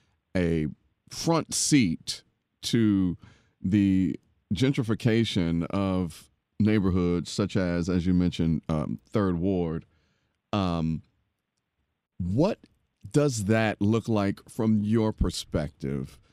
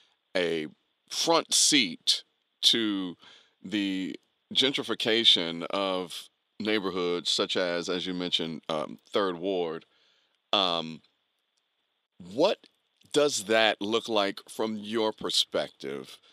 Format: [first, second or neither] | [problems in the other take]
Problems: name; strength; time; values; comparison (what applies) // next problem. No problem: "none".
first | thin; somewhat; fading below 500 Hz